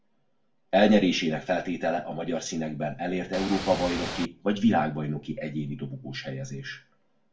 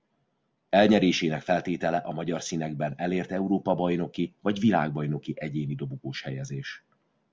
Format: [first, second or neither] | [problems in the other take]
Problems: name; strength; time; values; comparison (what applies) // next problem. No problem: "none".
second | background sound (Ocean / Boat, Water vehicle); 6 dB below the speech // room echo; dies away in 0.3 s